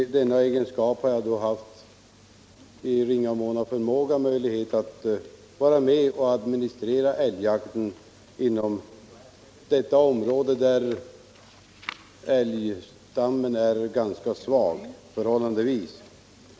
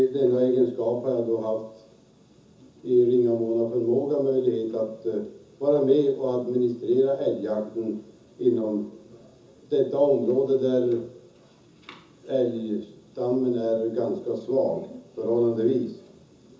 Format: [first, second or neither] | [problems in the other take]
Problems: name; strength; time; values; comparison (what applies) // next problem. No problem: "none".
first | room echo; dies away in 0.6 s